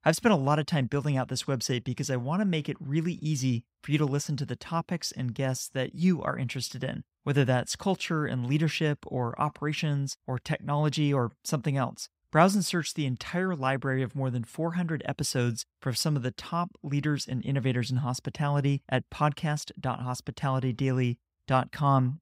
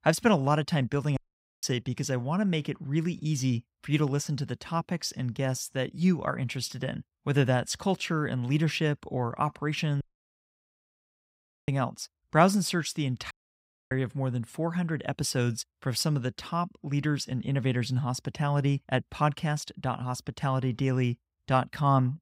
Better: first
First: none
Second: audio cutting out; at 1 s, at 10 s for 1.5 s and at 13 s for 0.5 s

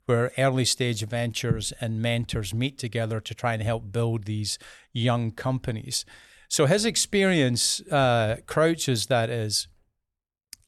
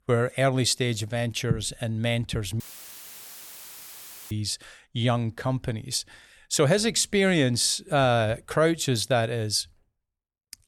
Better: first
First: none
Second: audio cutting out; filled with static; at 2.5 s for 1.5 s

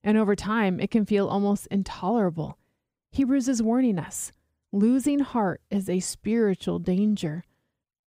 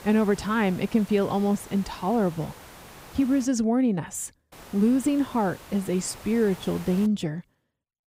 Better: first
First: none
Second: hiss; noticeable; until 3.5 s and from 4.5 to 7 s; 20 dB below the speech

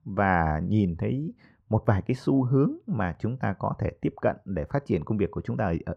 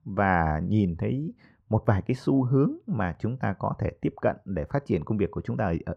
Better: neither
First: muffled; very; fading above 2 kHz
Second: muffled; very; fading above 2 kHz

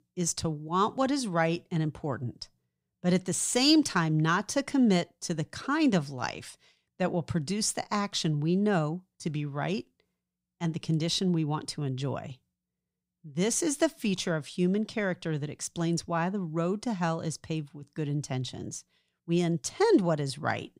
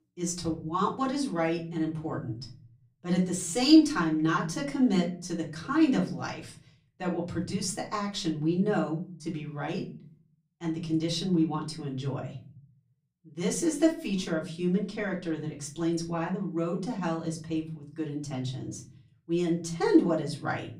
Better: first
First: none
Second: off-mic speech; far // room echo; very slight; dies away in 0.5 s

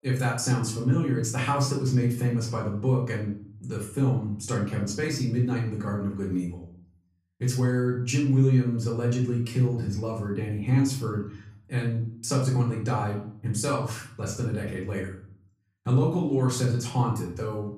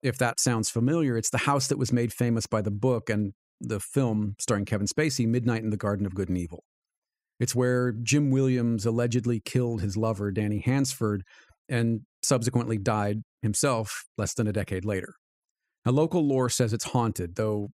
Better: second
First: off-mic speech; far // room echo; slight; dies away in 0.5 s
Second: none

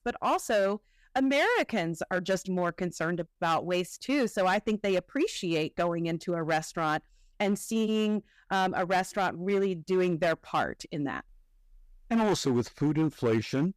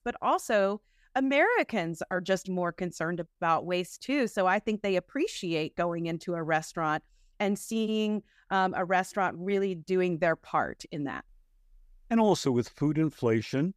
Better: second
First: distortion; slight; 7% of the sound clipped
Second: none

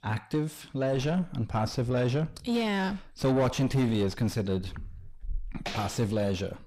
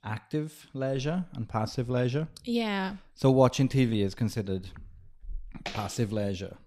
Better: second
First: distortion; heavy; 5 dB below the speech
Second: none

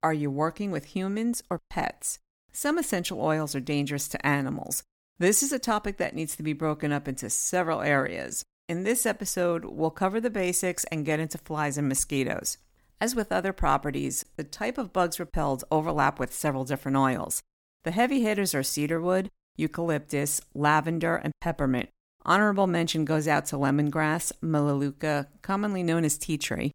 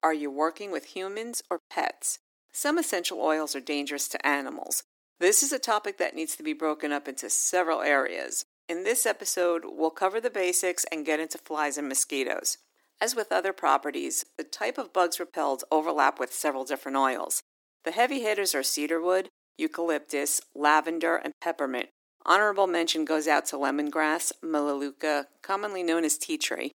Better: first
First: none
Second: thin; somewhat; fading below 300 Hz

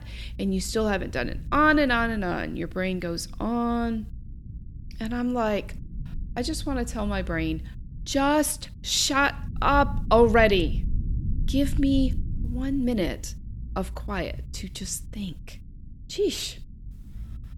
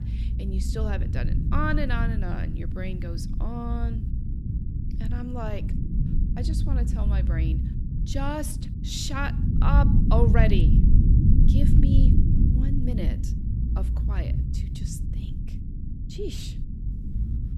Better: first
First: low rumble; faint; throughout; 25 dB below the speech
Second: low rumble; loud; throughout; 4 dB below the speech

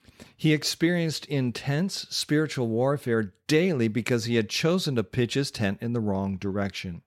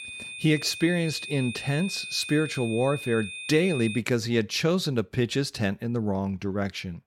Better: first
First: none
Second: high-pitched whine; loud; until 4 s; 2.5 kHz, 9 dB below the speech

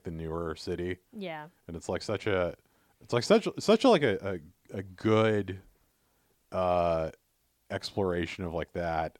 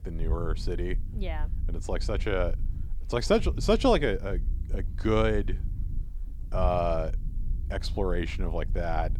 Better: first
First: none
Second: low rumble; faint; throughout; 20 dB below the speech

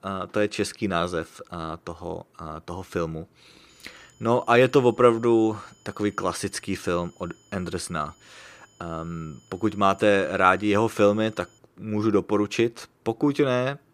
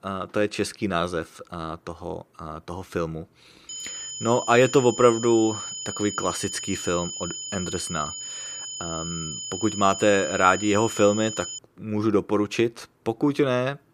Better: first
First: high-pitched whine; faint; from 3.5 to 12 s; 7 kHz, 35 dB below the speech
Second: high-pitched whine; loud; from 3.5 to 12 s; 7 kHz, 8 dB below the speech

